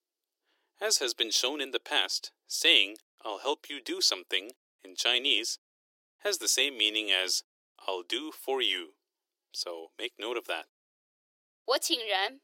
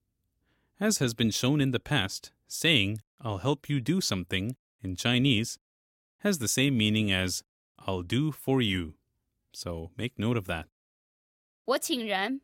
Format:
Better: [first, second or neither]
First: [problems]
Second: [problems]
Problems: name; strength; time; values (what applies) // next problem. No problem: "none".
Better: second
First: thin; very; fading below 350 Hz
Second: none